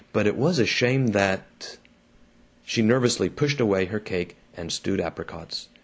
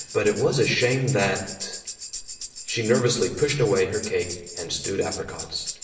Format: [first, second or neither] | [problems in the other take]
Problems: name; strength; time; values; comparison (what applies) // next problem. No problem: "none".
first | background sound (Tambourine); 11 dB below the speech // room echo; dies away in 0.8 s